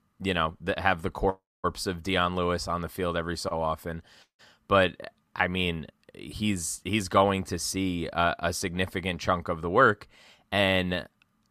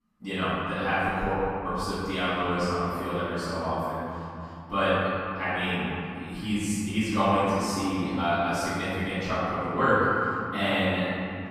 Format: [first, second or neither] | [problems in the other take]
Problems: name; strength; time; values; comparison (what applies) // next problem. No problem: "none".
first | room echo; strong; dies away in 2.9 s // off-mic speech; far